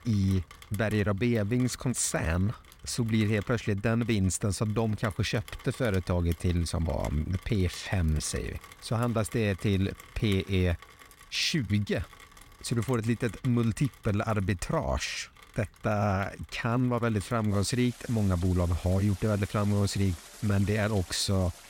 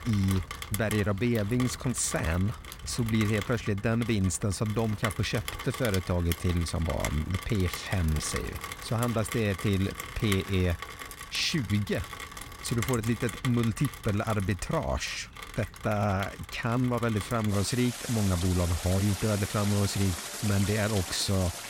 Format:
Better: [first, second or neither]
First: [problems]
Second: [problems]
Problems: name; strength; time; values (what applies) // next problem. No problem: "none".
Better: first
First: rain or running water; faint; throughout; 20 dB below the speech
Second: rain or running water; loud; throughout; 9 dB below the speech